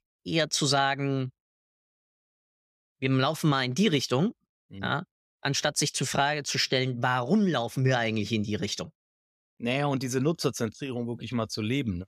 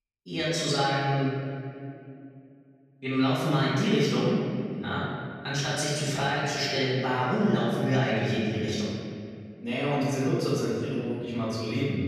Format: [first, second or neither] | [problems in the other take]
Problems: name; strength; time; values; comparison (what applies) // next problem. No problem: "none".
first | off-mic speech; far // room echo; strong; dies away in 2.3 s